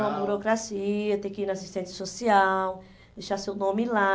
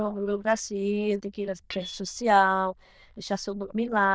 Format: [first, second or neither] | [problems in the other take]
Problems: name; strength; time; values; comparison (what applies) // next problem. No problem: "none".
first | noise reduction (neural diffusion model UNIVERSE++)